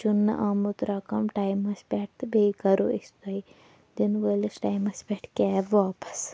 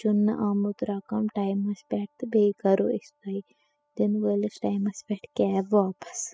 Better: first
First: none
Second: noise reduction (classical method spectral subtraction)

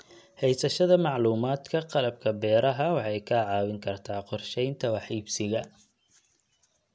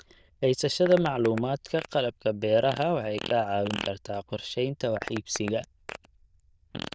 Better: first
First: none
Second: noise reduction (neural diffusion model UNIVERSE++)

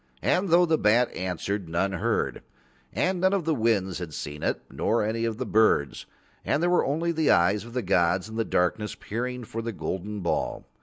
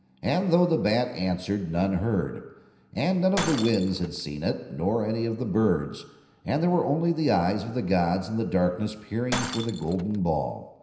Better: first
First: none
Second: background sound (Shatter); 15 dB below the speech // room echo; dies away in 0.9 s

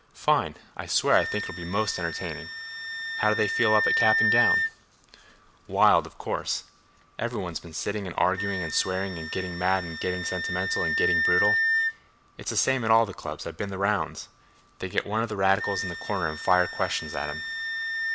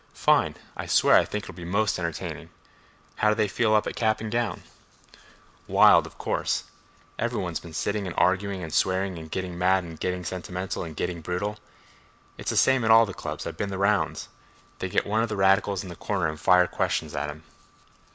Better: second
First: background sound (Wind instrument, woodwind instrument); 3 dB below the speech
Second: none

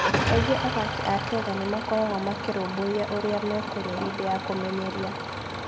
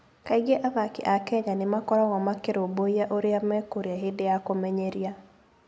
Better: second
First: background sound (Idling / Engine starting); 1 dB below the speech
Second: none

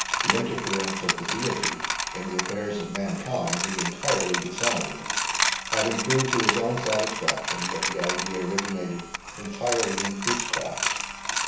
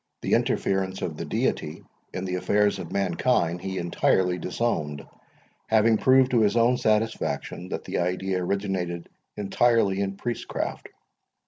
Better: second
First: background sound (Coin (dropping)); 1 dB above the speech // room echo; dies away in 0.7 s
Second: none

